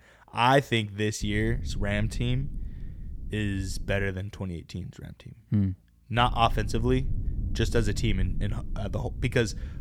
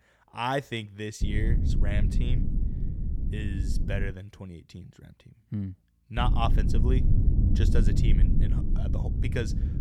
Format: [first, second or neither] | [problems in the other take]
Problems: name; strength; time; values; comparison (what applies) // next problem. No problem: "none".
first | low rumble; loud; from 1 to 4 s and from 6 s on; 6 dB below the speech; faint in the first